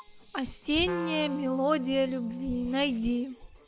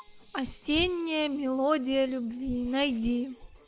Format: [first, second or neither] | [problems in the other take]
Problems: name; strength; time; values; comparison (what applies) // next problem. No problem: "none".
second | background sound (Wind instrument, woodwind instrument); 12 dB below the speech